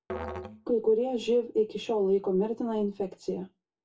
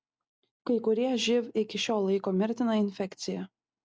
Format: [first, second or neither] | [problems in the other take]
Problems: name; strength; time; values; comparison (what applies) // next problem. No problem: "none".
second | background sound (Musical instrument); 15 dB below the speech // room echo; dies away in 0.2 s